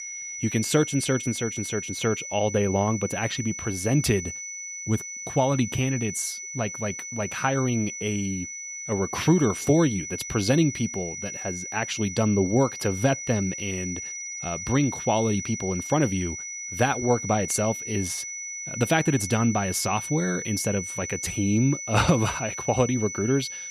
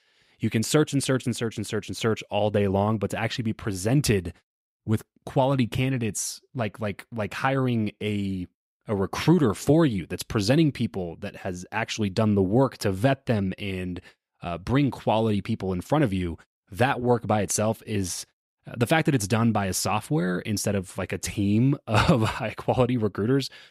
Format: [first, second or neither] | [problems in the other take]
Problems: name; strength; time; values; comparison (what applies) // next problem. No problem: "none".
second | high-pitched whine; loud; throughout; 6 kHz, 7 dB below the speech